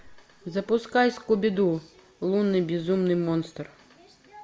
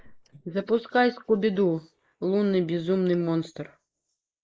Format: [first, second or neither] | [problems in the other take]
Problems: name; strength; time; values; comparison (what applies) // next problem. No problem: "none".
first | noise reduction (neural mask model Resemble Enhance denoiser)